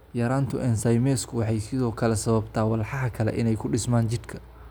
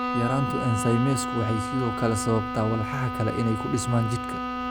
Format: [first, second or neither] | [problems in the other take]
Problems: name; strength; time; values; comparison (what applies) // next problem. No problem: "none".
first | background sound (Bowed string instrument); 4 dB below the speech